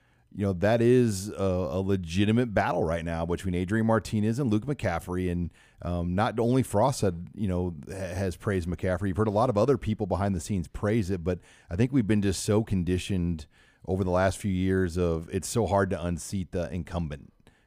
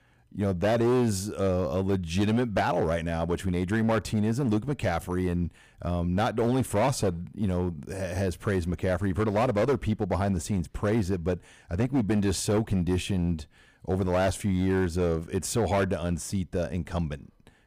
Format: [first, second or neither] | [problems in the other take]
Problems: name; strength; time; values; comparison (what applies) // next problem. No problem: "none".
first | distortion; slight; 8% of the sound clipped